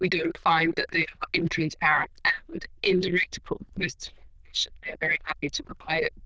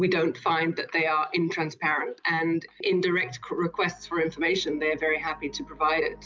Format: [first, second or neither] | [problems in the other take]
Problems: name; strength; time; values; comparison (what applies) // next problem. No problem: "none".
second | noise reduction (neural diffusion model UNIVERSE++)